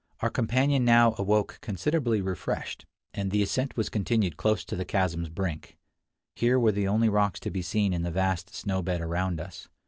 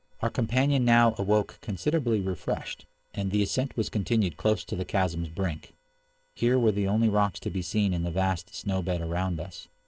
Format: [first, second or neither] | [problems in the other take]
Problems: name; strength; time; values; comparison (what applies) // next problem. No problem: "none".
first | noise reduction (neural separator model SepFormer DNS4)